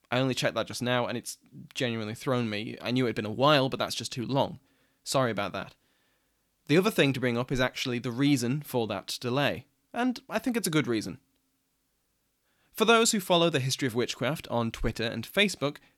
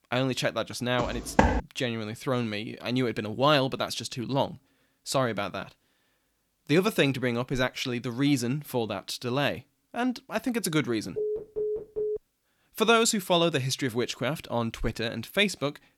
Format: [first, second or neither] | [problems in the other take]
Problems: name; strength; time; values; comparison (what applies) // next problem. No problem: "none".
first | footsteps; loud; at 1 s; peak 3 dB above the speech // phone ringing; noticeable; from 11 to 12 s; peak 4 dB below the speech